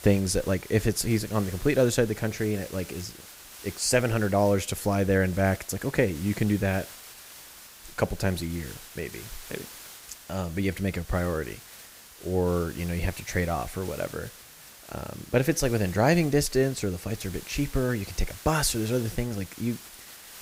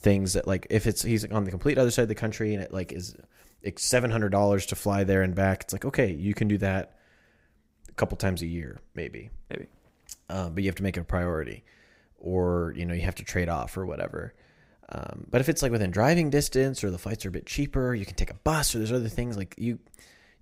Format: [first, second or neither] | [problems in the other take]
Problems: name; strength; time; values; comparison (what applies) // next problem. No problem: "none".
second | hiss; noticeable; throughout; 15 dB below the speech